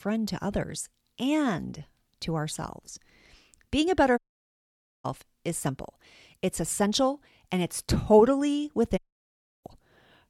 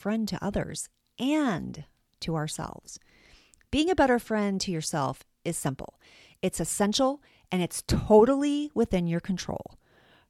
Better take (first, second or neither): second